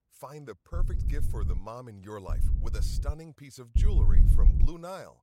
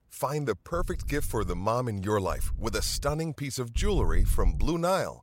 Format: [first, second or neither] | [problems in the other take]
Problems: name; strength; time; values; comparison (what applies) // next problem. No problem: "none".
second | low rumble; loud; at 0.5 s, at 2.5 s and at 4 s; 4 dB below the speech; faint in the second